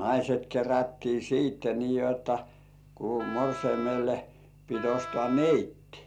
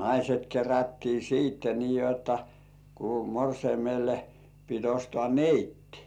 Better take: second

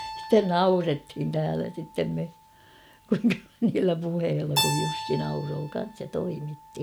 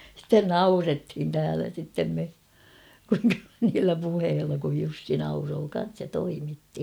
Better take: second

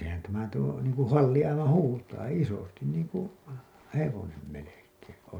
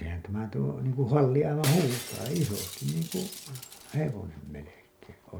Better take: first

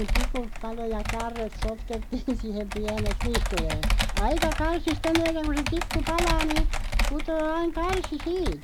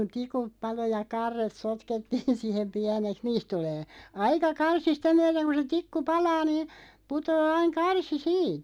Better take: second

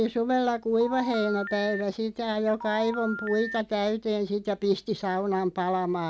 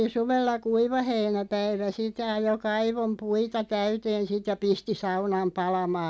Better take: second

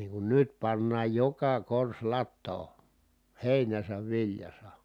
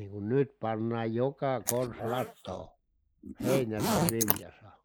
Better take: first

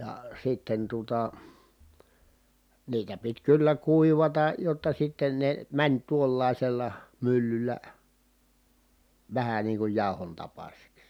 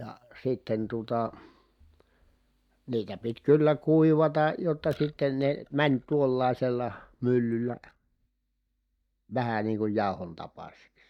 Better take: first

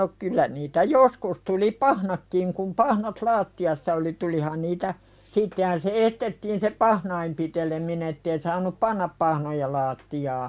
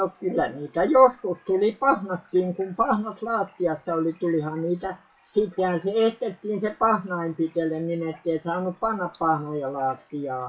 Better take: first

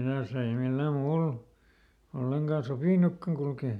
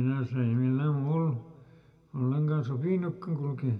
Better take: first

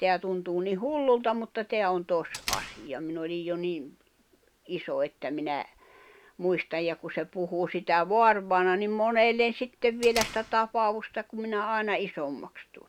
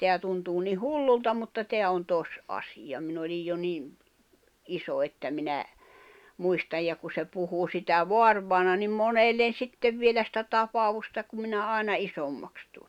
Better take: second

